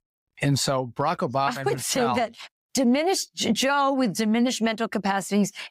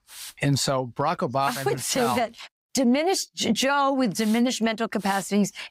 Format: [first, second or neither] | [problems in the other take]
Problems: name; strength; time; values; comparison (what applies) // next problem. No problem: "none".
first | hiss; noticeable; until 2.5 s and from 3.5 s on; 15 dB below the speech